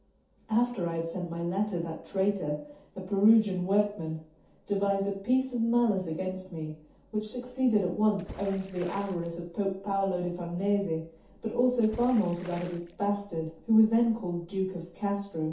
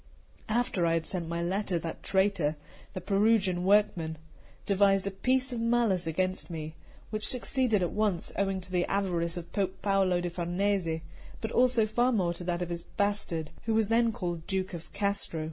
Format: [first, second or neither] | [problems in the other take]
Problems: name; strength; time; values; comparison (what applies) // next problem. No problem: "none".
second | background sound (Water / Splash, splatter); 20 dB below the speech // room echo; dies away in 0.5 s